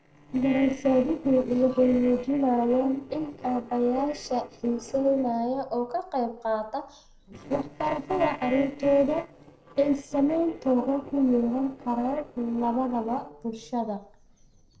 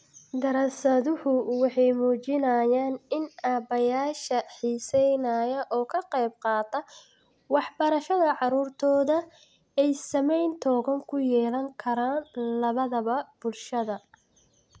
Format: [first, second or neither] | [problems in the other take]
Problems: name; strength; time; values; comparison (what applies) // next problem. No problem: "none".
second | noise reduction (neural separator model SepFormer DNS4)